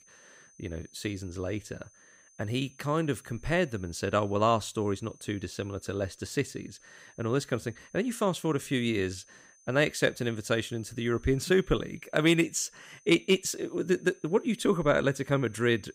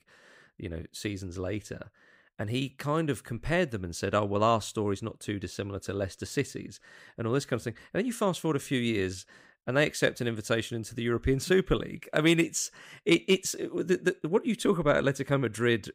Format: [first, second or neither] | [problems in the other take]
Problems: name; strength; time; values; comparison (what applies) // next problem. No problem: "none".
second | high-pitched whine; faint; throughout; 6 kHz, 30 dB below the speech